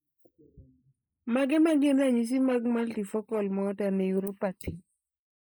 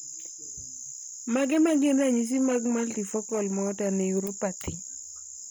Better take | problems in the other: second | noise reduction (neural mask model Resemble Enhance denoiser)

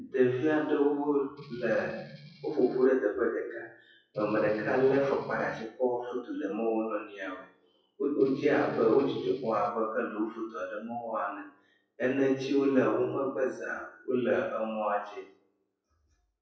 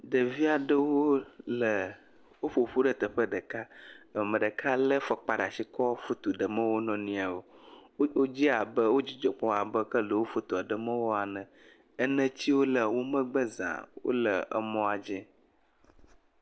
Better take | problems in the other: second | noise reduction (classical method WPE with log-MMSE)

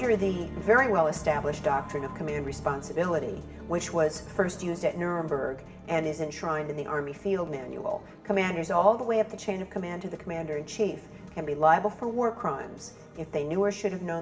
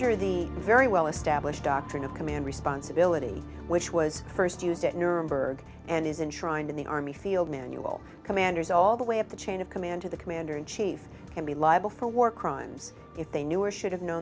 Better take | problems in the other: second | room echo; dies away in 2 s

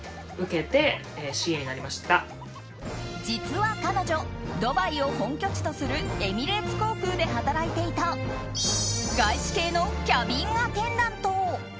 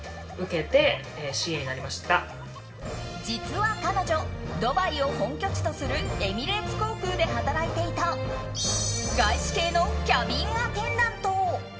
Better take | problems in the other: first | room echo; dies away in 1.1 s

